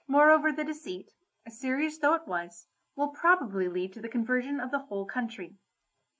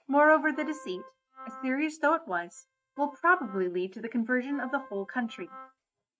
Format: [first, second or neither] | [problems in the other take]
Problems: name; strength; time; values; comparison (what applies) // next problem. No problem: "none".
first | noise reduction (neural mask model RNNoise)